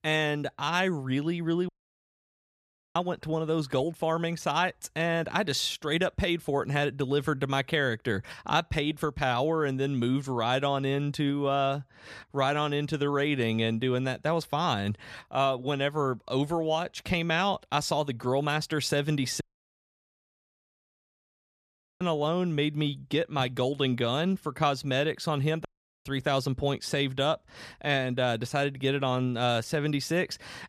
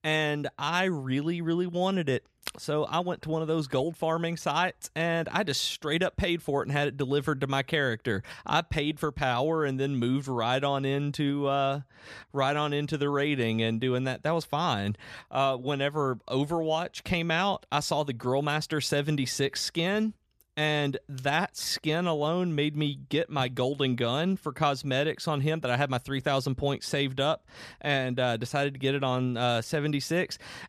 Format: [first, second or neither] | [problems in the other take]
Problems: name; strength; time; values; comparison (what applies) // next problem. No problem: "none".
second | audio cutting out; at 1.5 s for 1.5 s, at 19 s for 2.5 s and at 26 s